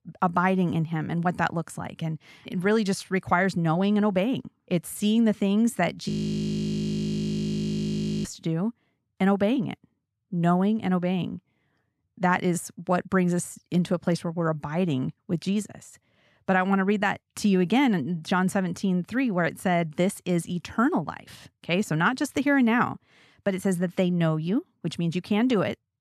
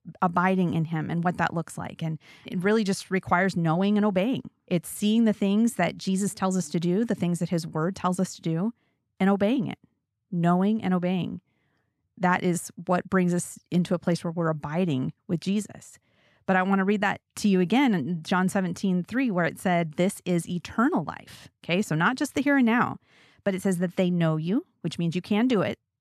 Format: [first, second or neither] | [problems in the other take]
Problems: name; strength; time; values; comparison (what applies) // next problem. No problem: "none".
second | audio freezing; at 6 s for 2 s